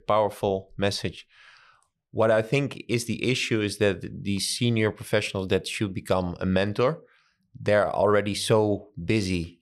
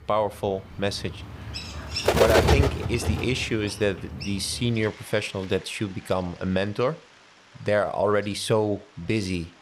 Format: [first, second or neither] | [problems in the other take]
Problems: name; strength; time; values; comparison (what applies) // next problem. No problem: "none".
first | animal sounds; very loud; throughout; as loud as the speech